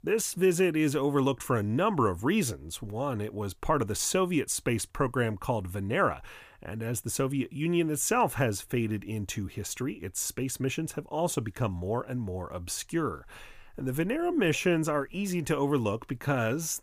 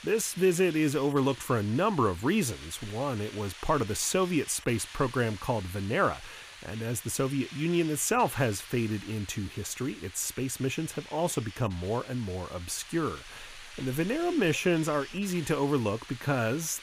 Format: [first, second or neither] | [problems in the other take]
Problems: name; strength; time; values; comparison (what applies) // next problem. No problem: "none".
first | hiss; noticeable; throughout; 15 dB below the speech